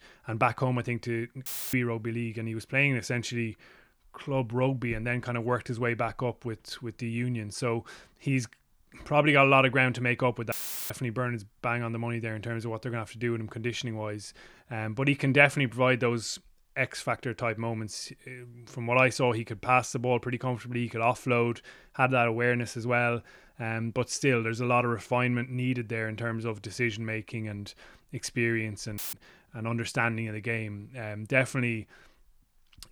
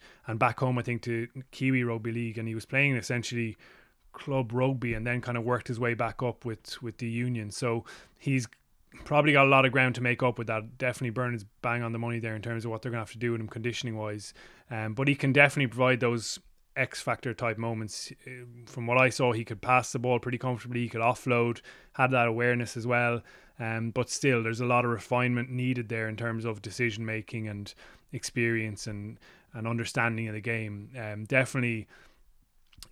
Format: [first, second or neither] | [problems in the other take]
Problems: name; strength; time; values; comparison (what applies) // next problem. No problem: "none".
second | audio cutting out; filled with static; at 1.5 s, at 11 s and at 29 s